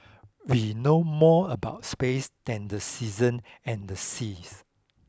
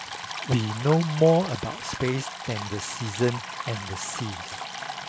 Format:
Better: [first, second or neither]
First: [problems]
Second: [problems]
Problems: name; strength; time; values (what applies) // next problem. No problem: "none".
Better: first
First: none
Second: background sound (Stream); 9 dB below the speech